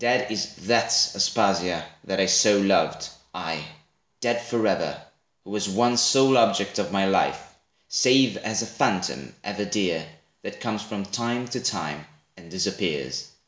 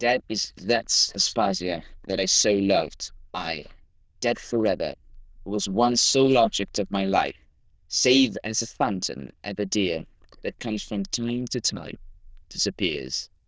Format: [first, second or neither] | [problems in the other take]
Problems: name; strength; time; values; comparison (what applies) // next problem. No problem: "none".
first | noise reduction (neural diffusion model UNIVERSE++)